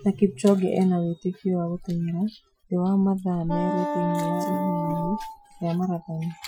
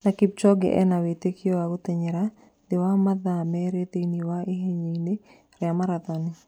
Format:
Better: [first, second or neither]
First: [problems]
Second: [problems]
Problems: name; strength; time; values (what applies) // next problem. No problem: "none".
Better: second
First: noise reduction (classical method Wiener filter)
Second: none